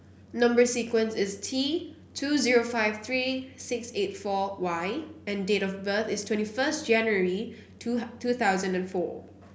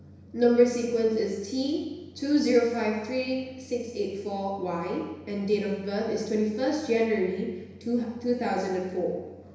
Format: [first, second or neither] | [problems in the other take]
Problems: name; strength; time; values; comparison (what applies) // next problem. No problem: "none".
first | room echo; dies away in 1 s